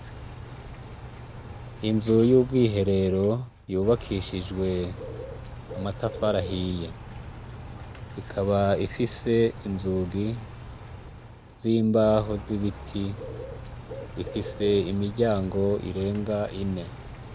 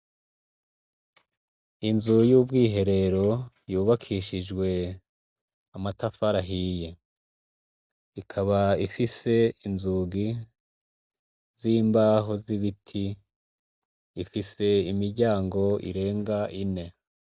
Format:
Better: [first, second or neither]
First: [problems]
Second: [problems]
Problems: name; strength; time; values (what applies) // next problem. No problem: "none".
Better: second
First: background sound (Bird / Rain); 12 dB below the speech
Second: none